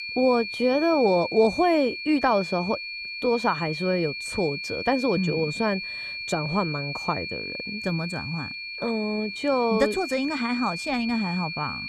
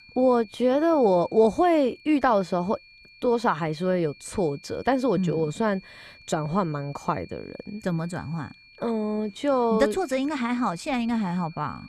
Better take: second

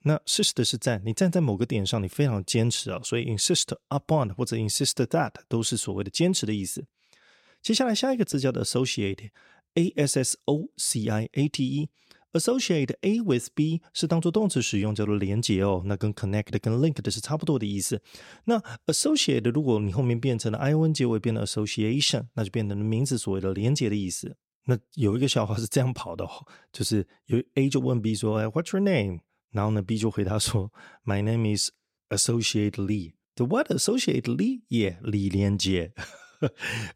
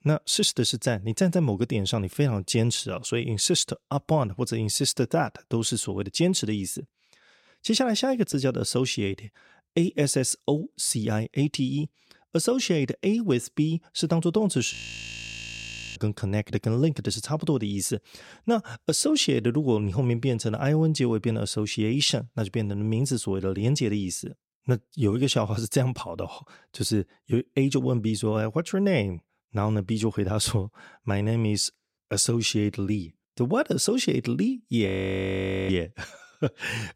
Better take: first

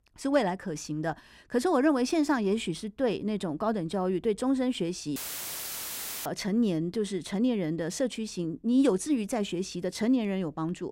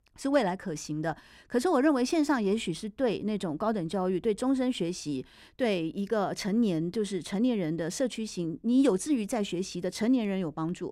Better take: second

